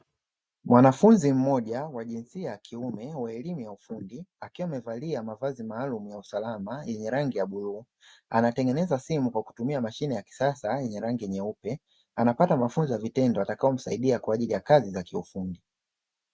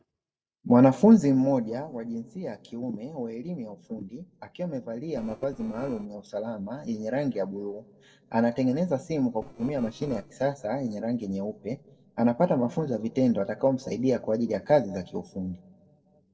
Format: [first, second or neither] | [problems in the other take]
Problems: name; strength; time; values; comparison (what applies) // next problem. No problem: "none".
first | noise reduction (neural separator model SepFormer DNS4)